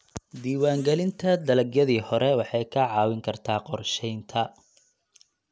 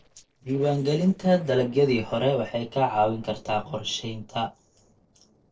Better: first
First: none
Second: noise reduction (neural separator model SepFormer DNS4)

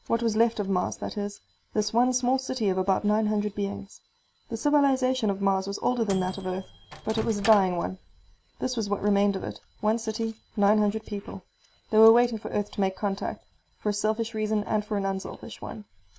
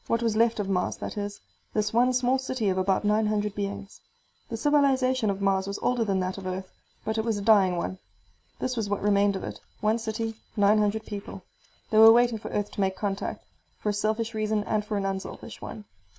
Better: second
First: background sound (Microwave oven); 14 dB below the speech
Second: none

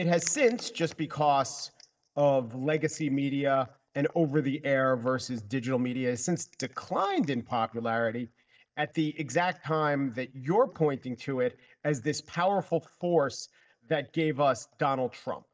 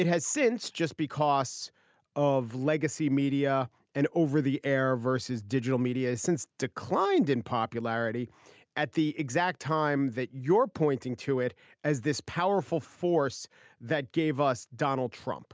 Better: second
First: noise reduction (neural mask model DeepFilterNet 3)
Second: none

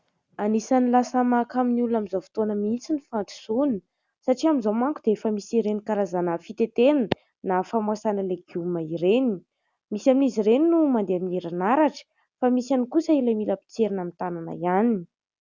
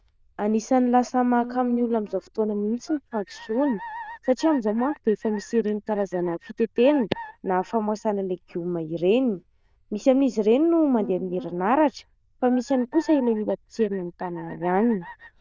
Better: first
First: none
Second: noise reduction (neural diffusion model UNIVERSE++)

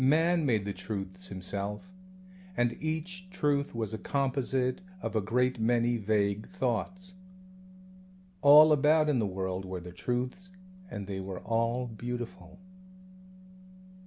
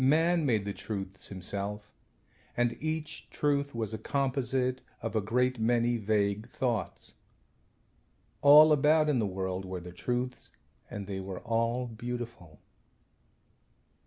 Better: second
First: background sound (Organ); 20 dB below the speech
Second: none

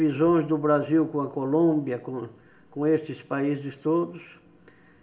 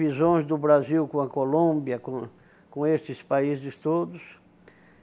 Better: second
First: room echo; dies away in 0.6 s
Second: none

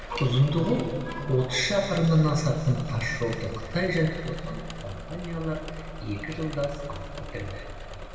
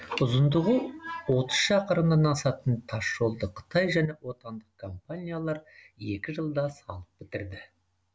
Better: second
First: background sound (Engine / Mechanisms); 11 dB below the speech // room echo; dies away in 2.6 s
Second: none

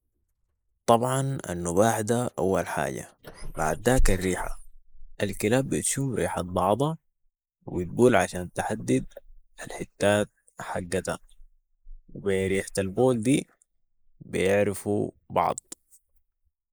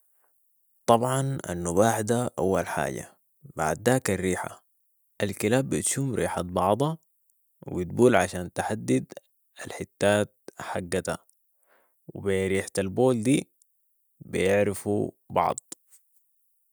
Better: second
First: noise reduction (neural mask model Resemble Enhance denoiser)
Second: none

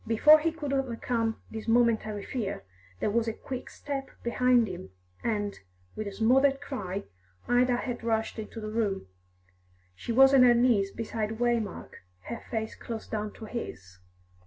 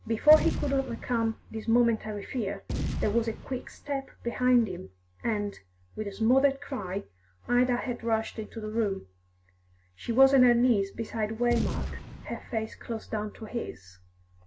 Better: first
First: none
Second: background sound (Boom); 7 dB below the speech

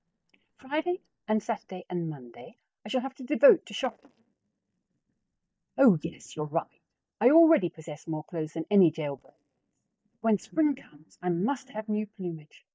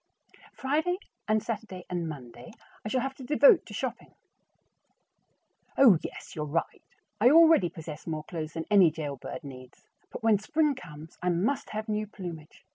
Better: second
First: noise reduction (neural mask model DeepFilterNet 3)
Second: none

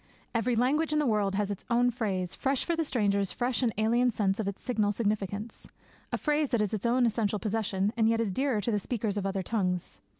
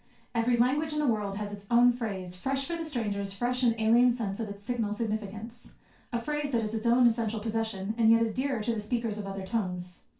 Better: first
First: none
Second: room echo; dies away in 0.2 s

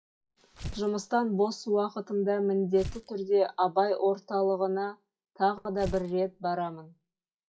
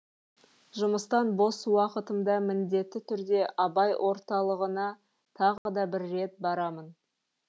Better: second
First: noise reduction (classical method WPE with log-MMSE)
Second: none

